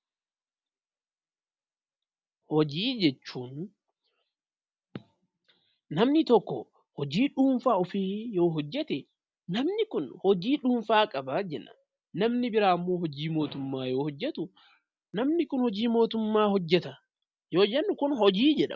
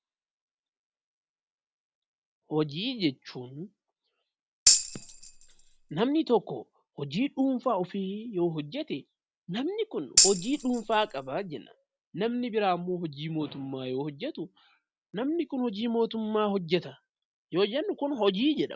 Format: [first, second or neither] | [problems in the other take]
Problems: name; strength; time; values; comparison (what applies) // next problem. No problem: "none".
first | background sound (Tambourine); 4 dB above the speech